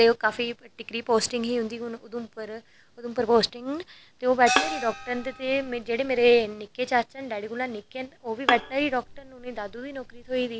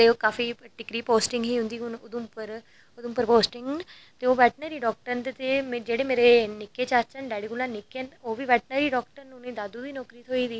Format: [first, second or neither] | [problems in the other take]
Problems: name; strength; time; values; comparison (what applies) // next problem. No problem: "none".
second | background sound (Bowed string instrument + Gong); 6 dB below the speech